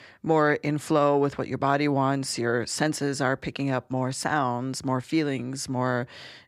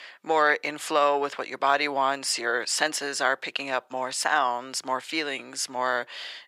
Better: first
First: none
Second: thin; very; fading below 650 Hz

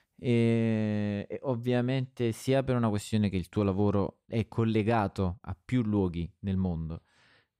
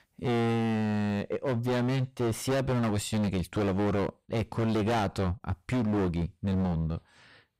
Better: first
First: none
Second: distortion; heavy; 27% of the sound clipped

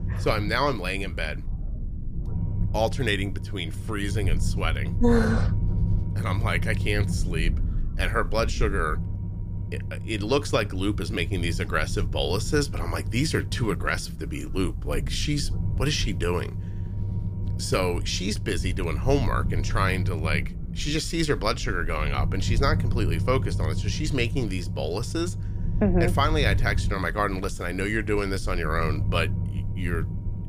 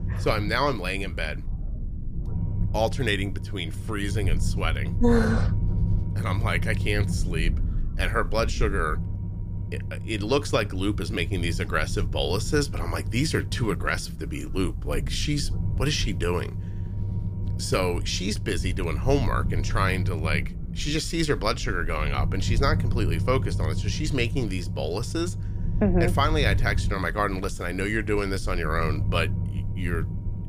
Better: neither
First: low rumble; noticeable; throughout; 15 dB below the speech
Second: low rumble; noticeable; throughout; 15 dB below the speech

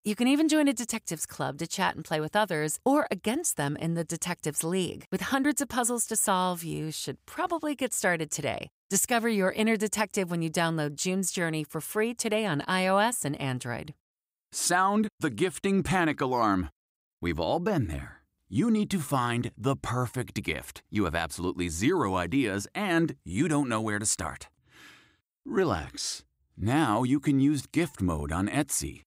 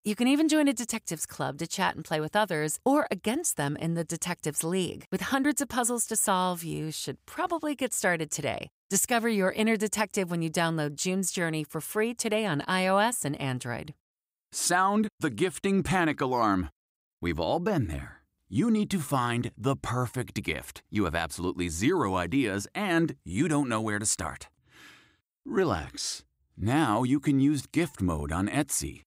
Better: neither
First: none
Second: none

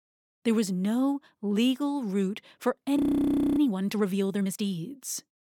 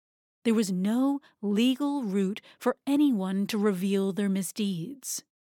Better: second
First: audio freezing; at 3 s for 0.5 s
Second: none

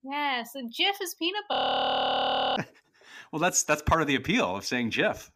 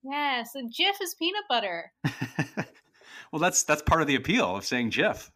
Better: second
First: audio freezing; at 1.5 s for 1 s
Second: none

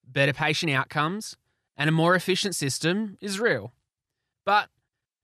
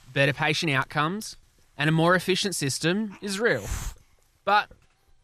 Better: first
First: none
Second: hiss; noticeable; throughout; 20 dB below the speech

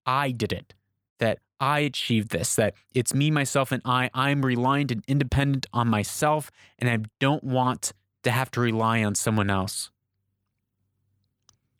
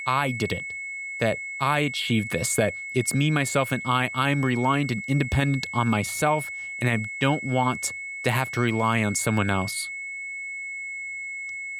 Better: first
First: none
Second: high-pitched whine; loud; throughout; 2 kHz, 7 dB below the speech

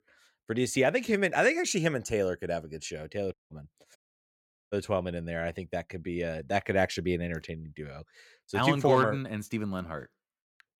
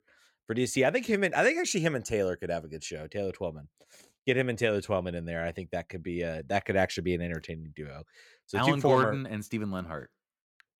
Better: second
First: audio cutting out; at 3.5 s and at 4 s for 1 s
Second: none

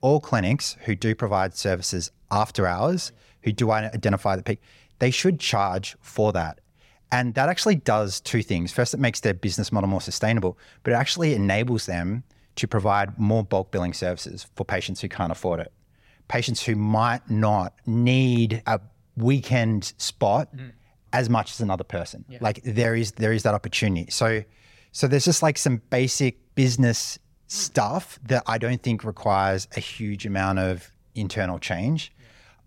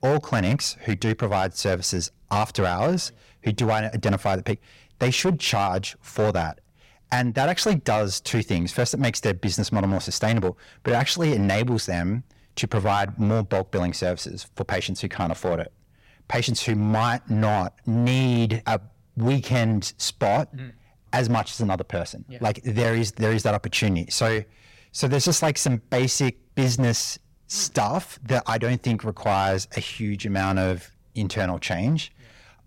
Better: first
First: none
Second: distortion; slight; 9% of the sound clipped

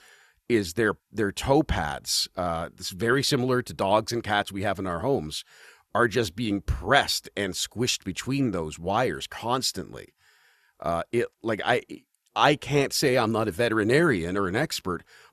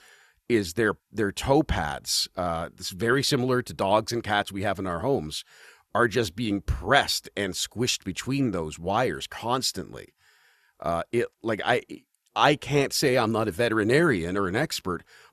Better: neither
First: none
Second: none

